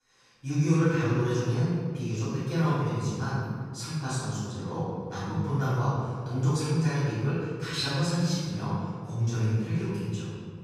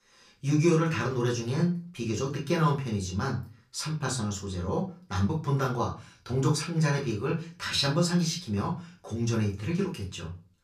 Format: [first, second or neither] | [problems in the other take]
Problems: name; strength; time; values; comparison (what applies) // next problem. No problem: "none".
second | room echo; strong; dies away in 2.1 s; slight in the second // off-mic speech; far; far in the second